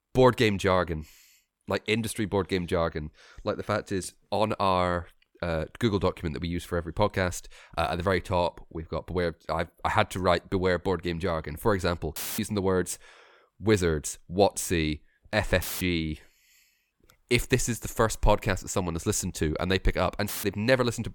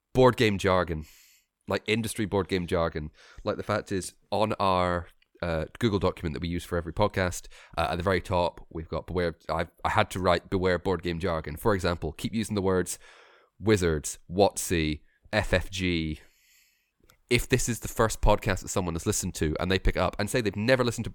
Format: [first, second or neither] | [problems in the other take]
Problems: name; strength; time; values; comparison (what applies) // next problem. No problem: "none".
second | audio cutting out; filled with static; at 12 s, at 16 s and at 20 s